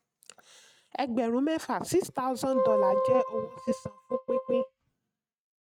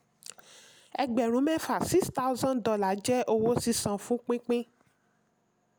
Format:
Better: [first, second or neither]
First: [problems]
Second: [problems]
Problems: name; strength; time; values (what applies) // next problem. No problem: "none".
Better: second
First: noise reduction (neural mask model RNNoise)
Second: none